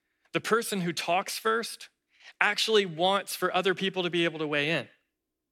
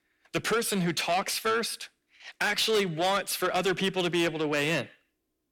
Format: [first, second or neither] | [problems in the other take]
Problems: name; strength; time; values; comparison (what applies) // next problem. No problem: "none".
first | distortion; heavy; 7 dB below the speech